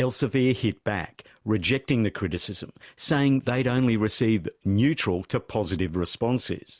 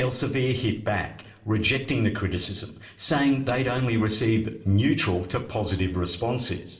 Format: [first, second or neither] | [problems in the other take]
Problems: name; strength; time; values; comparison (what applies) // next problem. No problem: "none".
first | room echo; dies away in 0.9 s